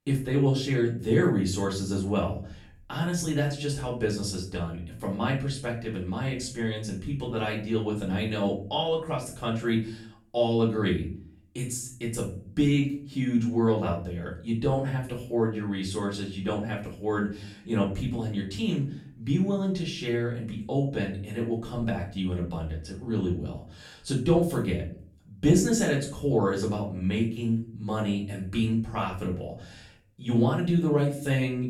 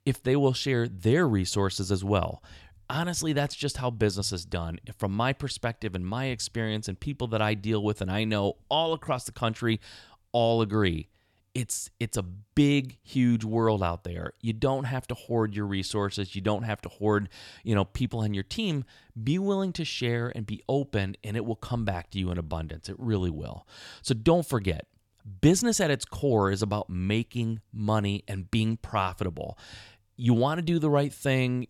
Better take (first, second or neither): second